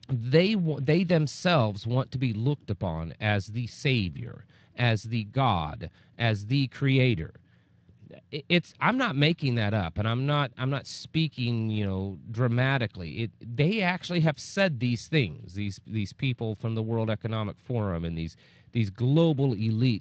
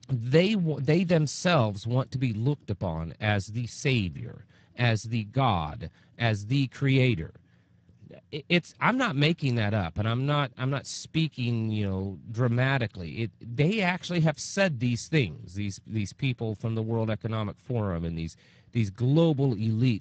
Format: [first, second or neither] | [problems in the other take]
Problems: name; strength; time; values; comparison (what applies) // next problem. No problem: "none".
first | garbled, watery; badly; nothing above 8 kHz; slightly in the first